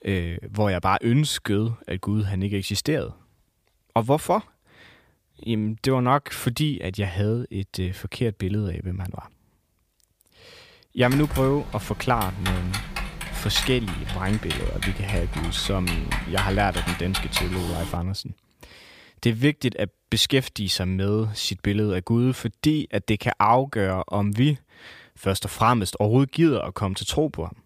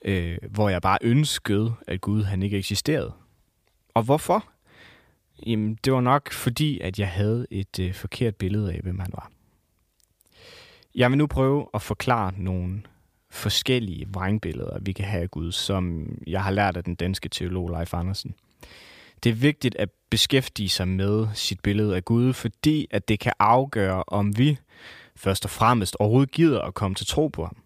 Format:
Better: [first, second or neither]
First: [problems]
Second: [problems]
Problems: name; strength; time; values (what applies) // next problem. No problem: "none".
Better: second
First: keyboard typing; noticeable; from 11 to 18 s; peak 2 dB below the speech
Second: none